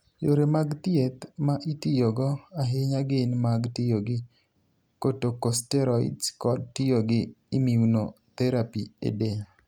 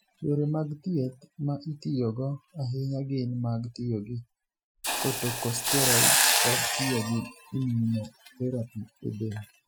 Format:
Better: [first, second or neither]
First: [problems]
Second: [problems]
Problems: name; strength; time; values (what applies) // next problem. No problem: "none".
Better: first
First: none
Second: noise reduction (classical method Wiener filter)